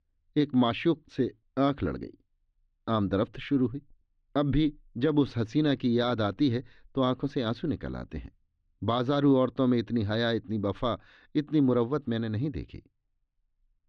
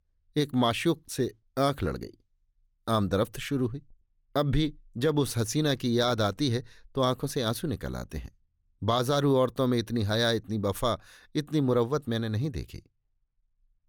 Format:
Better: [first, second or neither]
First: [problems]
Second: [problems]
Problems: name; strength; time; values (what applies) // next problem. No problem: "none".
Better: second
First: muffled; slightly; fading above 3.5 kHz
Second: none